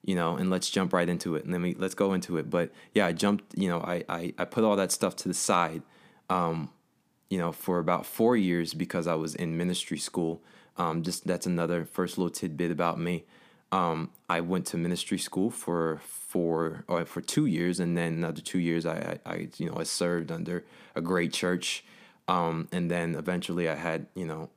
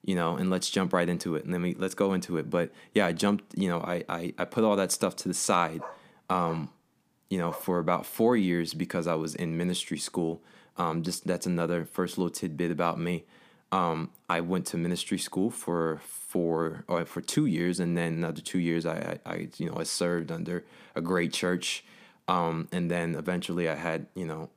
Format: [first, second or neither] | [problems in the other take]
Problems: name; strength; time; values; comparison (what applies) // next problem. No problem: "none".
first | dog barking; faint; from 6 to 7.5 s; peak 15 dB below the speech